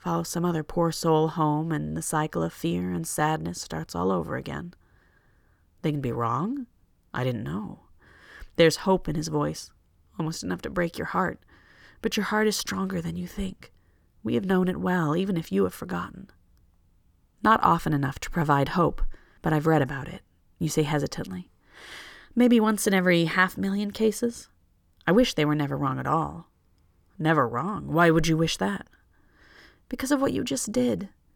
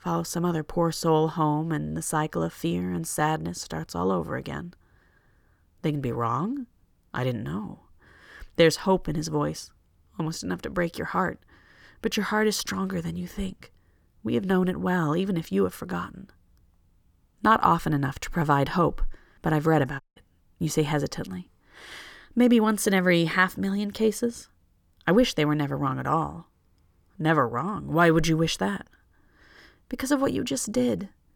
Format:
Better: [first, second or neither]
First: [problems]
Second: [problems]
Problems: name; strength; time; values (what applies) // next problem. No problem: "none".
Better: first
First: none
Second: audio cutting out; at 20 s